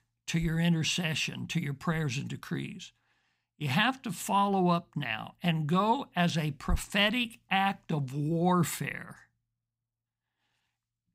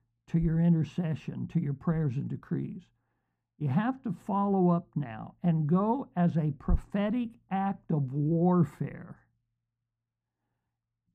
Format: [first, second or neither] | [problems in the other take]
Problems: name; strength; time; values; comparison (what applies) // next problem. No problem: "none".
first | muffled; very; fading above 1 kHz